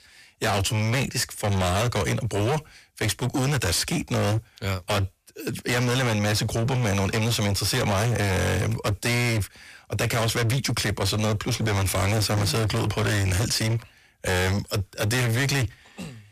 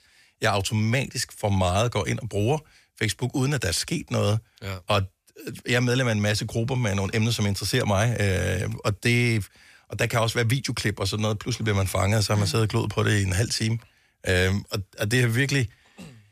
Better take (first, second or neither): second